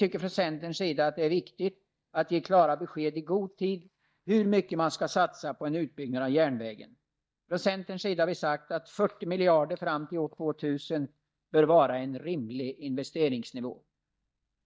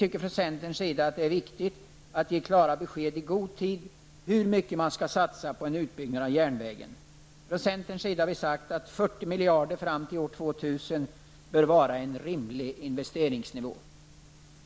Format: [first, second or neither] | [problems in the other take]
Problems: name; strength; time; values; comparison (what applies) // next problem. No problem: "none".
second | noise reduction (neural mask model DeepFilterNet 3)